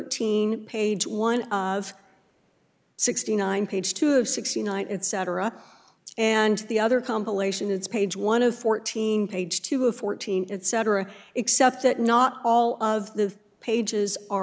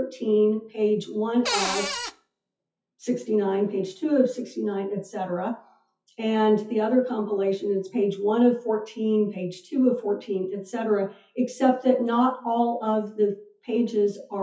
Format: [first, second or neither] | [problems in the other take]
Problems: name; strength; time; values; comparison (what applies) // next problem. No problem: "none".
first | noise reduction (classical method WPE with log-MMSE)